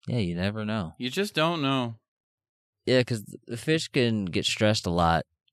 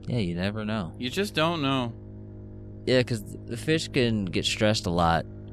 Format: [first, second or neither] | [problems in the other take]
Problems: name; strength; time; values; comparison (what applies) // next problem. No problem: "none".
first | low rumble; faint; throughout; 25 dB below the speech